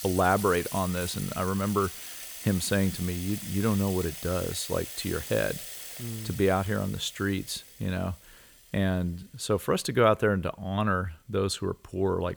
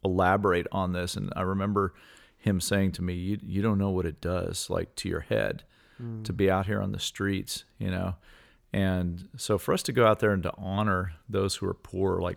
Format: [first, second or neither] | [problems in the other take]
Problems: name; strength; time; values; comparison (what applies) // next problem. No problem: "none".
second | household noises; loud; throughout; 9 dB below the speech